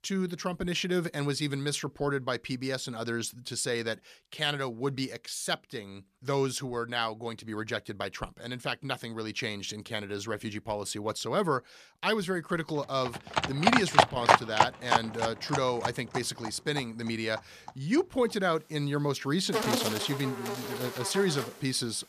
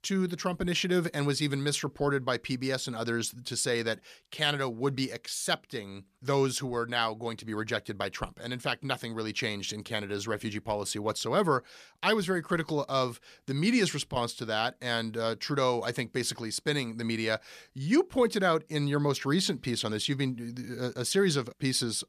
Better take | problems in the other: second | animal sounds; very loud; from 13 s on; 3 dB above the speech

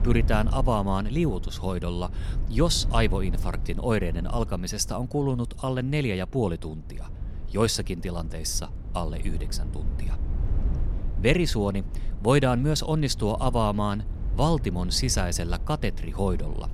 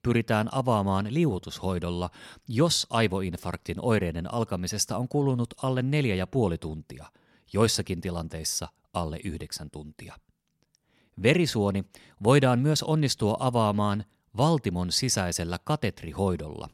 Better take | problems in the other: second | low rumble; noticeable; throughout; 20 dB below the speech

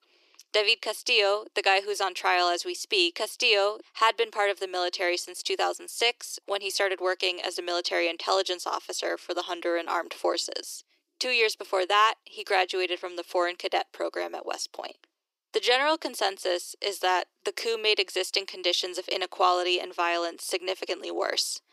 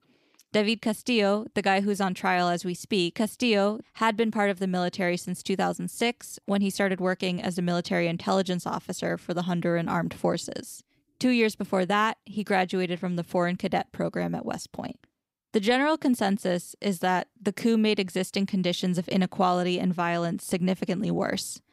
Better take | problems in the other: second | thin; very; fading below 350 Hz

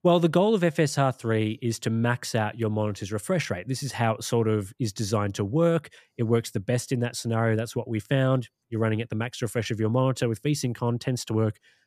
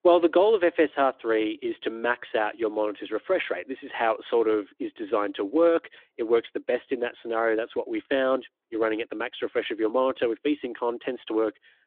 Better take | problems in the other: first | phone-call audio; nothing above 3.5 kHz

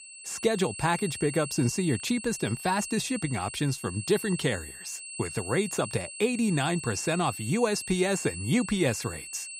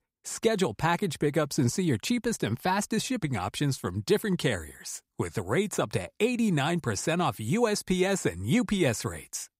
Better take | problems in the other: second | high-pitched whine; loud; throughout; 8 kHz, 9 dB below the speech

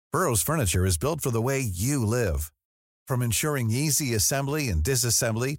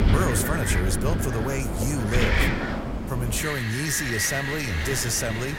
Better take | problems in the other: first | wind in the background; loud; throughout; as loud as the speech

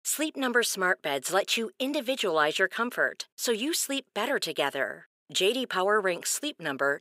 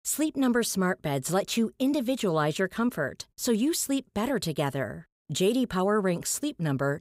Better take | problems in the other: second | thin; somewhat; fading below 450 Hz

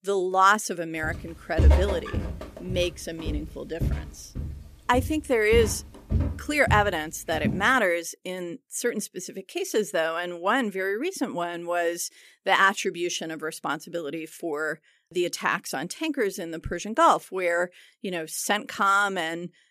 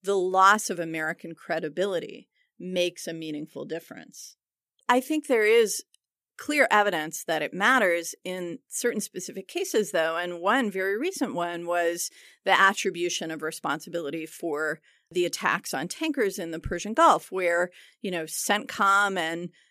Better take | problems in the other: second | footsteps; loud; from 1 to 7.5 s; peak 5 dB above the speech

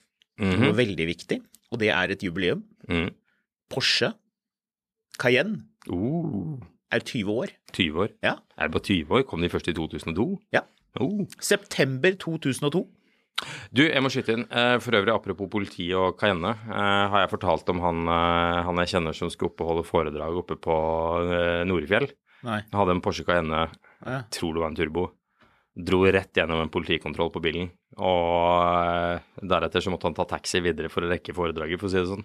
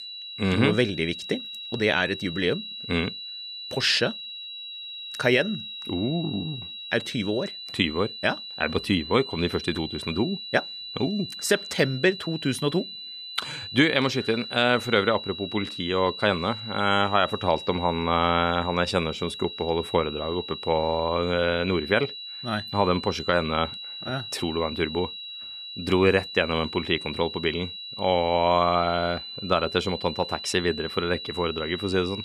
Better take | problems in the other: first | high-pitched whine; loud; throughout; 4 kHz, 9 dB below the speech

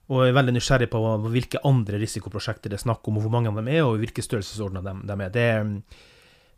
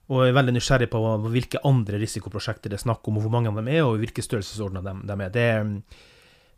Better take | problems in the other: neither | none

